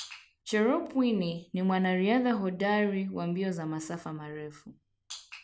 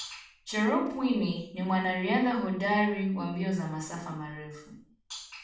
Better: first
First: none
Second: room echo; dies away in 0.5 s

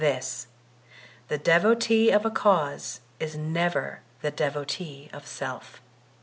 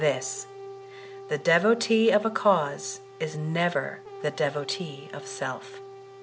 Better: first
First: none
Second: background sound (Brass instrument); 16 dB below the speech

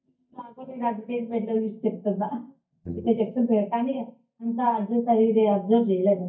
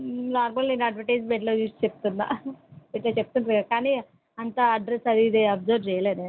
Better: second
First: noise reduction (neural mask model DeepFilterNet 3)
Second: none

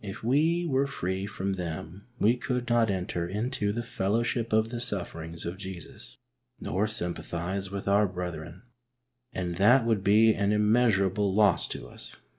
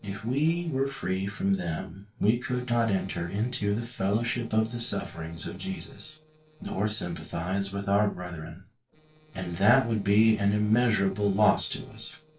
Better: first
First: none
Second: noise reduction (neural separator model SepFormer DNS4)

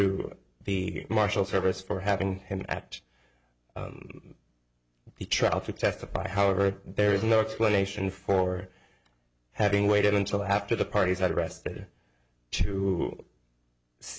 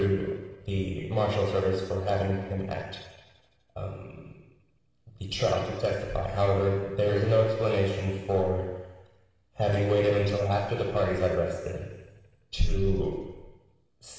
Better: first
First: none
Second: room echo; dies away in 1.3 s

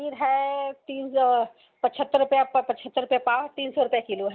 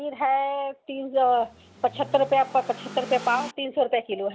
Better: first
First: none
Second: background sound (Accelerating, revving, vroom / Car); 16 dB below the speech

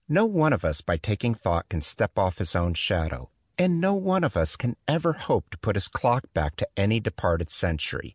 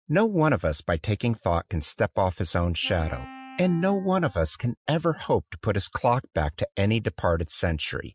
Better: first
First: none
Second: noise reduction (classical method Wiener filter)

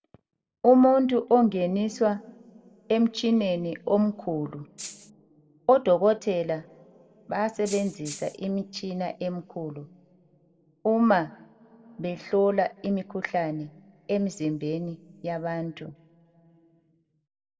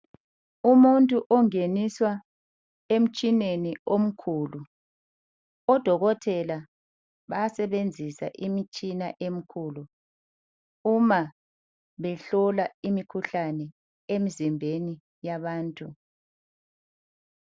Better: second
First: background sound (Rattle (instrument)); 13 dB below the speech // room echo; dies away in 0.9 s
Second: none

